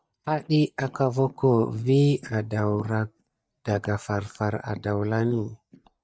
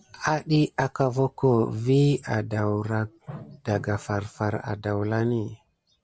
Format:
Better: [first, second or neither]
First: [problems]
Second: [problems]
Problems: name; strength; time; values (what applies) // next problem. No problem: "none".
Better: second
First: noise reduction (neural mask model DeepFilterNet 3)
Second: none